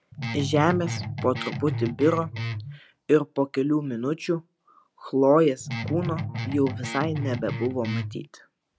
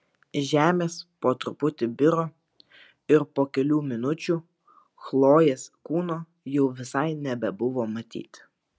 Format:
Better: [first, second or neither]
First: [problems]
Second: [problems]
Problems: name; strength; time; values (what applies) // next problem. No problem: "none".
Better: second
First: background sound (Guitar); 5 dB below the speech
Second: none